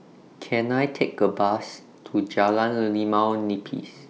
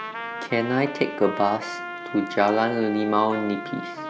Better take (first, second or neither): first